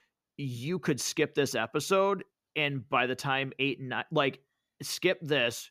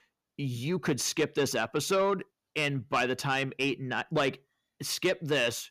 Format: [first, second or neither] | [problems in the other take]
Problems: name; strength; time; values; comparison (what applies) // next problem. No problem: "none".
first | distortion; slight; 10 dB below the speech